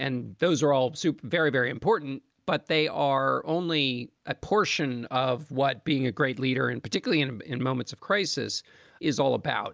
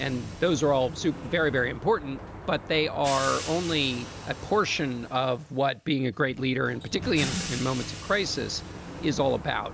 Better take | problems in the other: first | background sound (Hi-hat + Sliding door); 11 dB below the speech

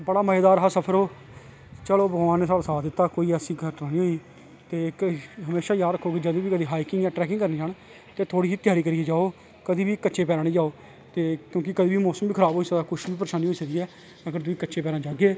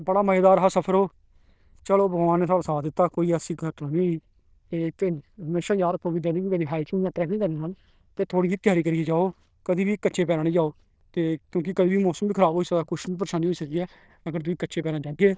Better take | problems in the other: first | noise reduction (neural diffusion model UNIVERSE++)

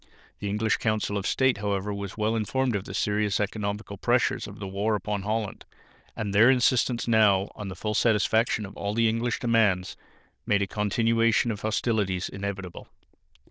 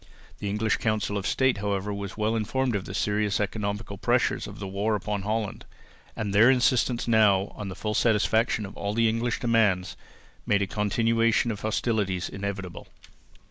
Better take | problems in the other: second | noise reduction (neural diffusion model UNIVERSE++)

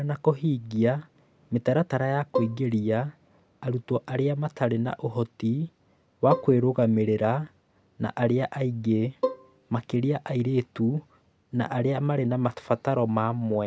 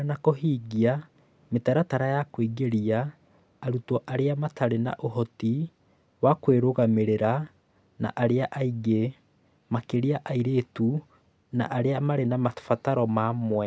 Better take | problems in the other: second | background sound (Bowed string instrument); 6 dB below the speech

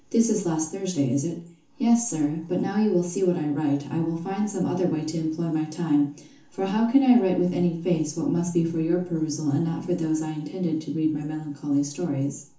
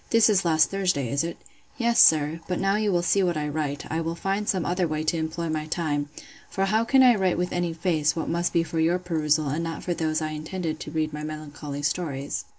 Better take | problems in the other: second | room echo; dies away in 0.9 s

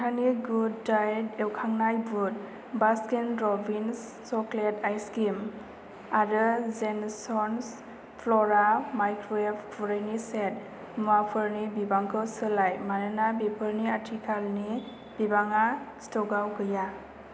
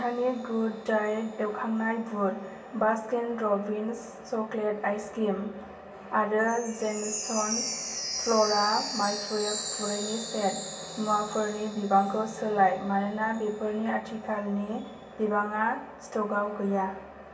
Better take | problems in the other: first | background sound (Chime); 11 dB below the speech // room echo; dies away in 0.2 s

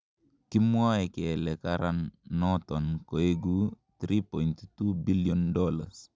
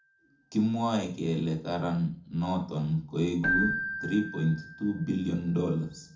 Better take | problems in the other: first | background sound (Keyboard (musical)); 8 dB below the speech // room echo; dies away in 0.4 s

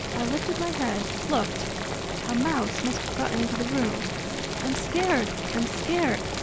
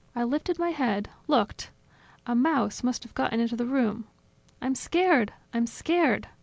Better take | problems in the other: second | background sound (Boiling); 1 dB below the speech

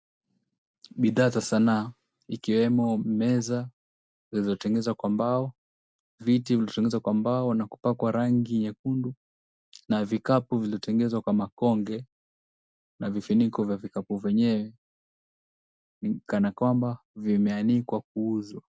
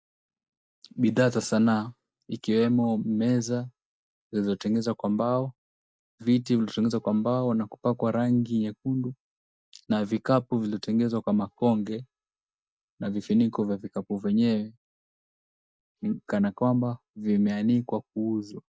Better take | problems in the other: first | noise reduction (neural mask model DeepFilterNet 3)

